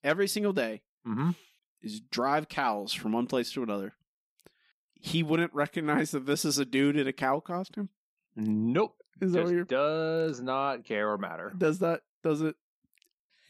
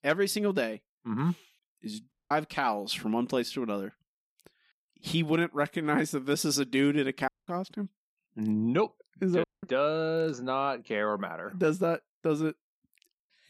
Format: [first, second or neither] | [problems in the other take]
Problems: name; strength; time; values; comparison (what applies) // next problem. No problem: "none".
first | audio cutting out; at 2 s, at 7.5 s and at 9.5 s